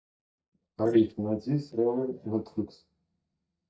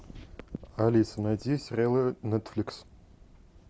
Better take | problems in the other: second | noise reduction (neural mask model DeepFilterNet 3)

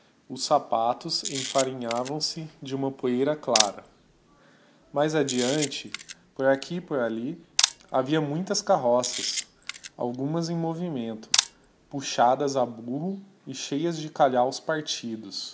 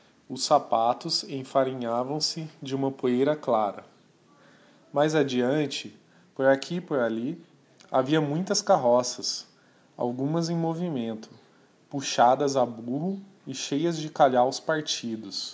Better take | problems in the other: second | background sound (Camera); 6 dB below the speech

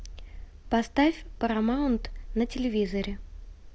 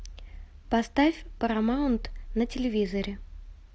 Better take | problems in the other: second | background sound (Fire); 19 dB below the speech

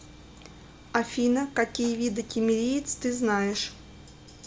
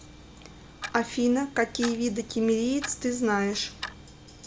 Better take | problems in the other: first | background sound (Clock); 16 dB below the speech

